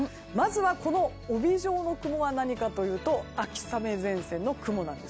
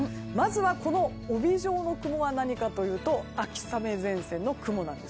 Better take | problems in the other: first | background sound (Bass guitar); 14 dB below the speech

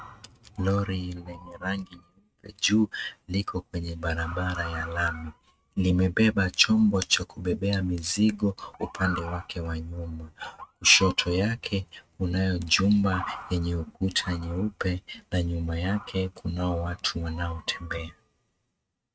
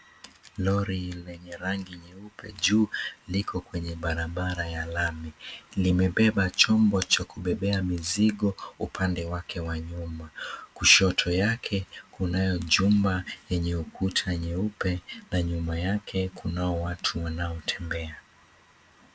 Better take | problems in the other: second | noise reduction (neural mask model RNNoise)

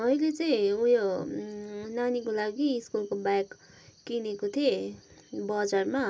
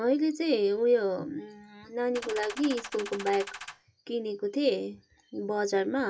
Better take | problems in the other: first | noise reduction (classical method log-MMSE)

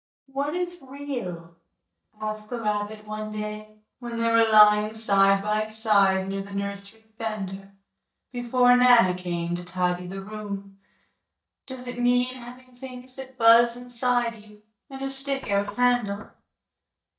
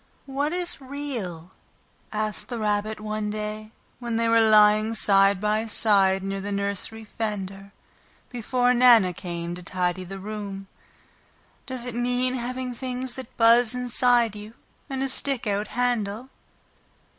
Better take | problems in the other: second | noise reduction (neural mask model DeepFilterNet 3)

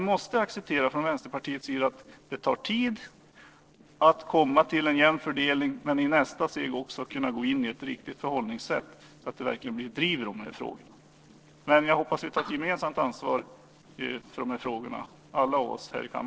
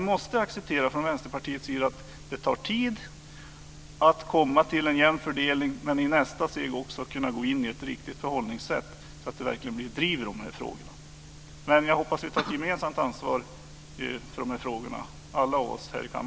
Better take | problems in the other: second | noise reduction (neural separator model SepFormer DNS4)

